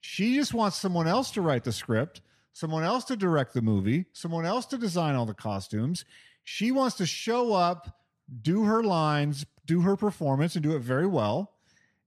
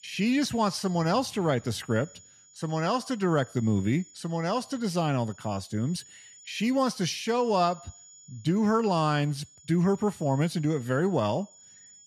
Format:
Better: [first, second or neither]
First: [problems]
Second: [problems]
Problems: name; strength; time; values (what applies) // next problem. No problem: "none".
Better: first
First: none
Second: high-pitched whine; faint; throughout; 7 kHz, 25 dB below the speech